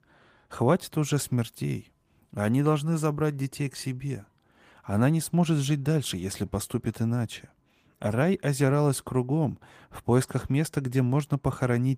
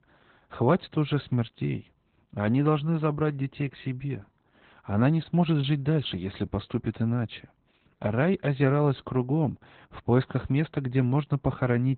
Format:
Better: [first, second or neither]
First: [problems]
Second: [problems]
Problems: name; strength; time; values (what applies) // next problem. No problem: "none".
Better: first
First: garbled, watery; slightly; nothing above 15 kHz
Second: garbled, watery; badly; nothing above 4 kHz